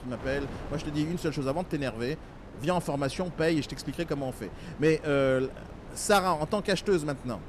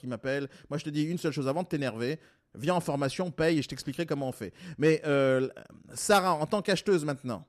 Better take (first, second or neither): second